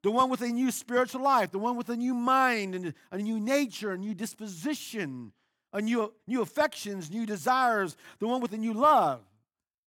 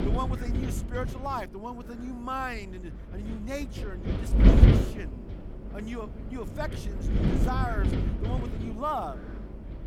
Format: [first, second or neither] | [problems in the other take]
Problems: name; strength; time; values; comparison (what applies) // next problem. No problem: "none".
first | wind noise on the microphone; heavy; 2 dB below the speech